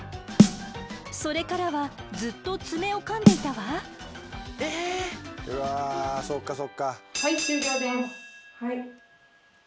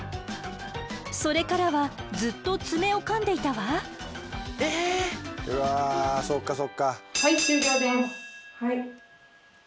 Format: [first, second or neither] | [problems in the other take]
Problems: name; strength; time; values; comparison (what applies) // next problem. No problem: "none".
second | background sound (Snare drum); 5 dB above the speech